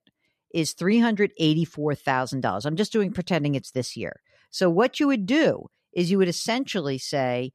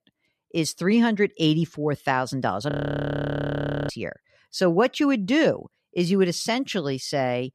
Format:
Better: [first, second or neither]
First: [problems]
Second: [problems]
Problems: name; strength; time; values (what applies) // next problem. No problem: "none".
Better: first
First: none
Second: audio freezing; at 2.5 s for 1 s